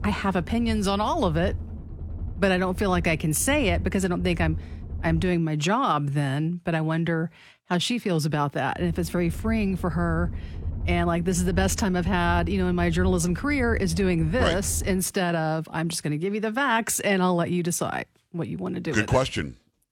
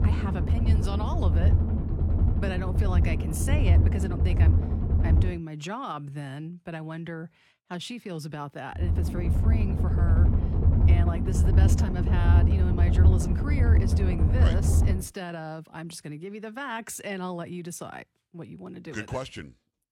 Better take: first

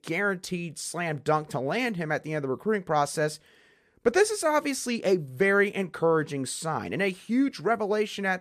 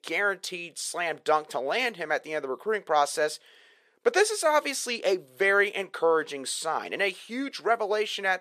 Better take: first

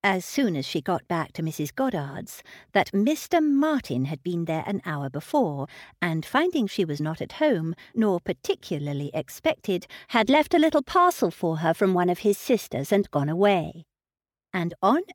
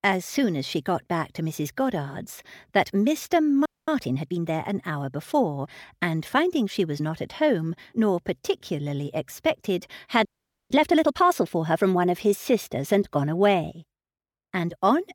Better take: first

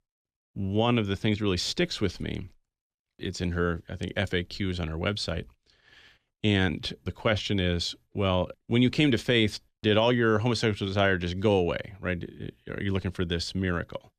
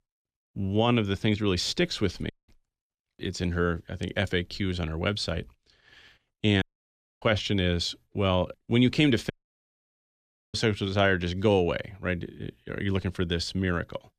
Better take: first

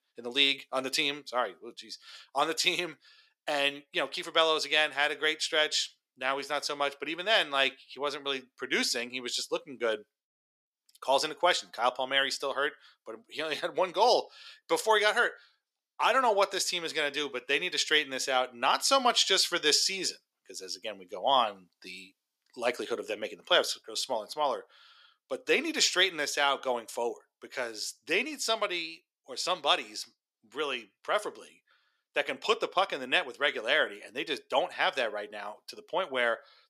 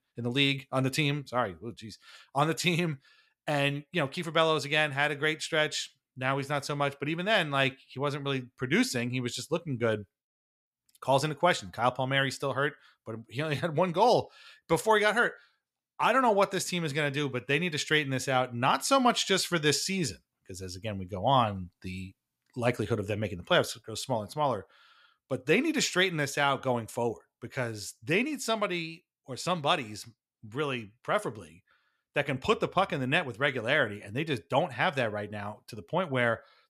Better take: second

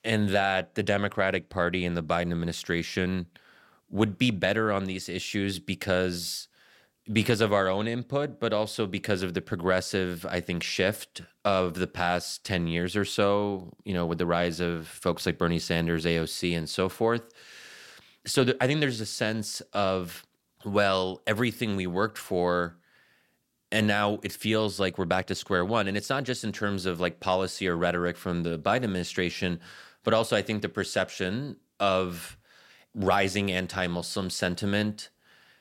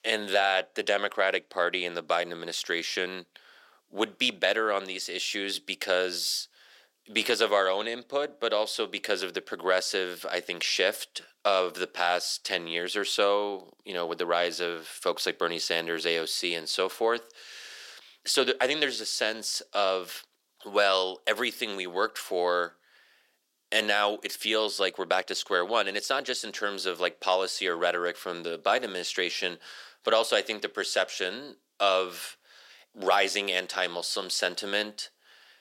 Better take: first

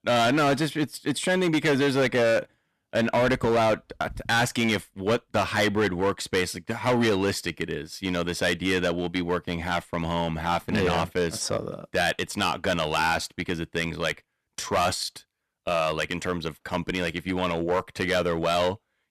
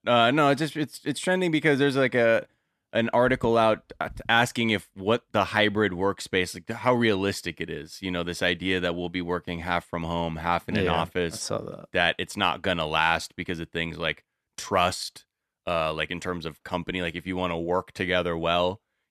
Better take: second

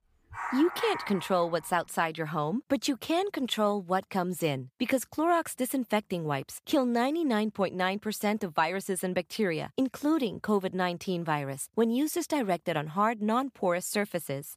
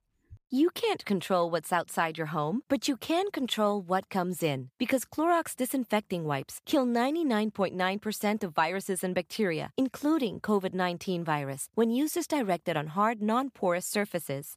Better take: second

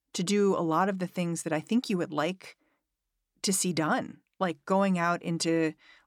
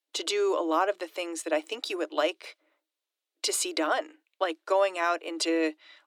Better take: first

